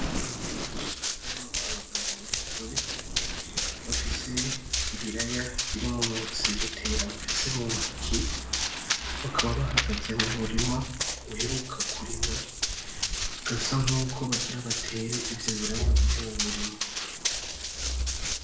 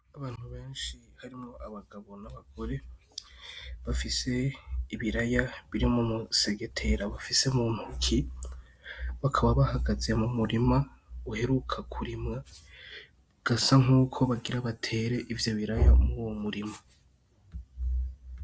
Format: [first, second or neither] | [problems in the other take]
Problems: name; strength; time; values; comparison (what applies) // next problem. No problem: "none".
second | background sound (Run); 1 dB above the speech // room echo; dies away in 0.6 s